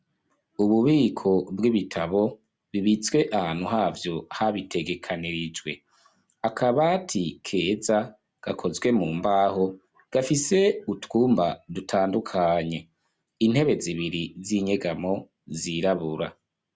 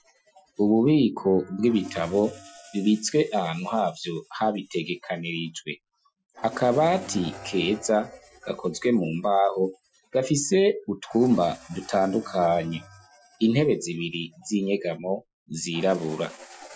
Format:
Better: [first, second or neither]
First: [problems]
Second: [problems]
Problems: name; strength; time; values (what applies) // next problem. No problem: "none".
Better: first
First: none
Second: noise reduction (classical method Wiener filter)